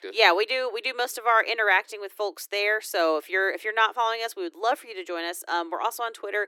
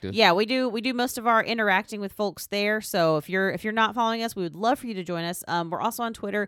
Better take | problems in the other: second | thin; very; fading below 300 Hz

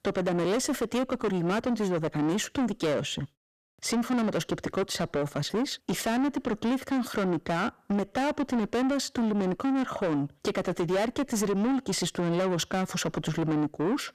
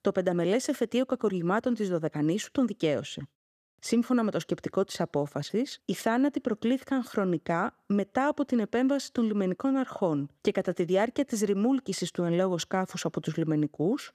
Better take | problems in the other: second | distortion; heavy; 7 dB below the speech

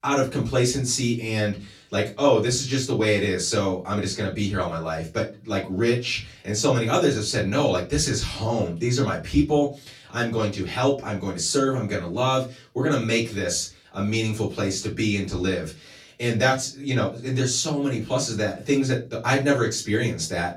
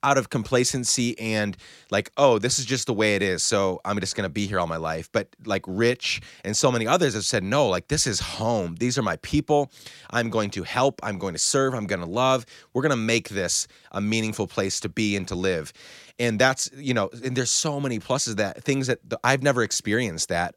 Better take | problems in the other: second | off-mic speech; far // room echo; very slight; dies away in 0.2 s

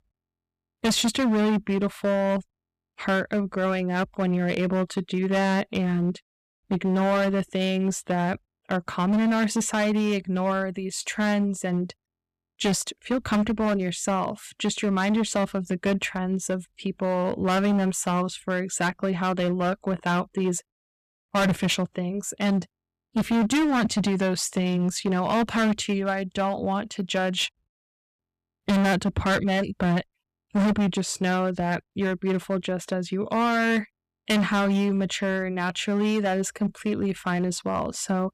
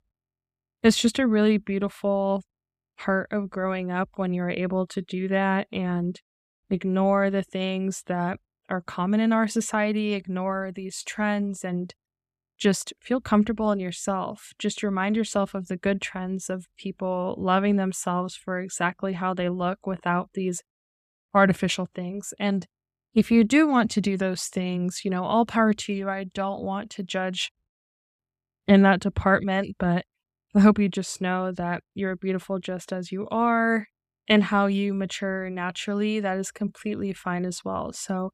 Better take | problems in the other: second | distortion; heavy; 12% of the sound clipped

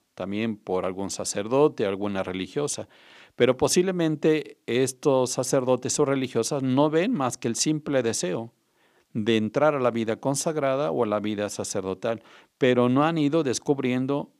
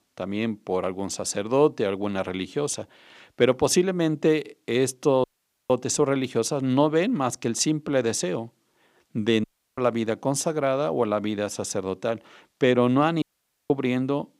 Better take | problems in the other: first | audio cutting out; at 5 s, at 9.5 s and at 13 s

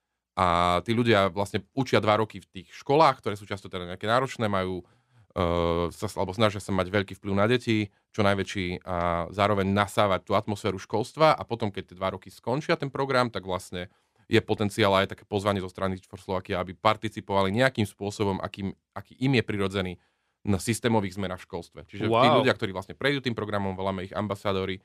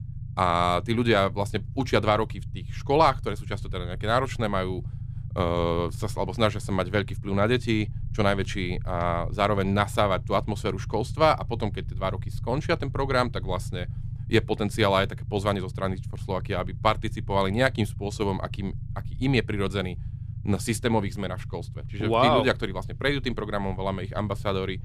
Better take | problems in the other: first | low rumble; faint; throughout; 25 dB below the speech

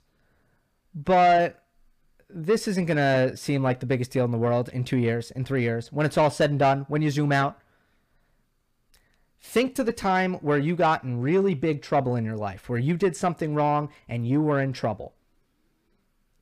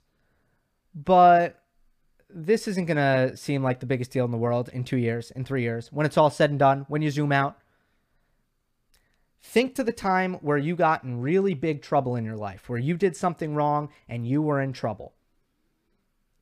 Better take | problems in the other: second | distortion; slight; 10 dB below the speech

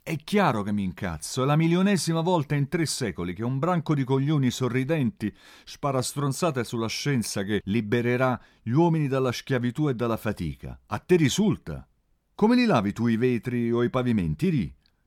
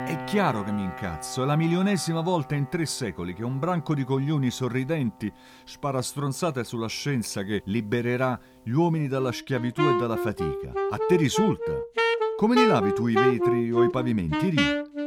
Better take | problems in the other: first | background music; loud; throughout; 1 dB below the speech

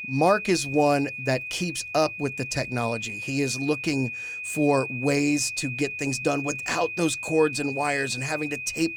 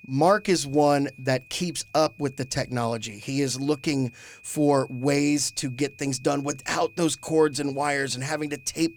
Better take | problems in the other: second | high-pitched whine; loud; throughout; 2.5 kHz, 6 dB below the speech; faint in the second

